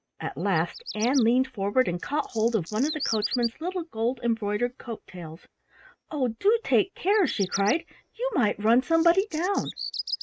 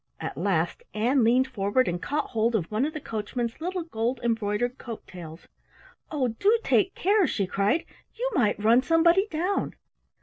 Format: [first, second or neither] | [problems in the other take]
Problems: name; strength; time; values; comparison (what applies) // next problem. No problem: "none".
second | noise reduction (neural mask model RNNoise)